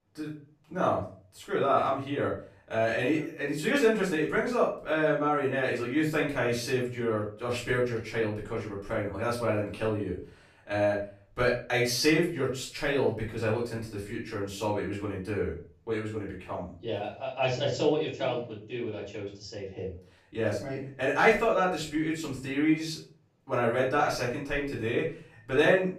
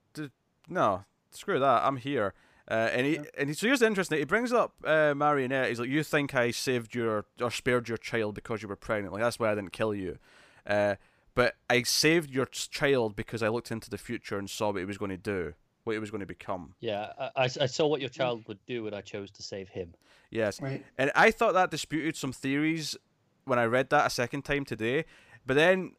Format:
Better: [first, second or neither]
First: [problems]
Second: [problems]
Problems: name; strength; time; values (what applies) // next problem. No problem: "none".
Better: second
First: off-mic speech; far // room echo; noticeable; dies away in 0.4 s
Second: none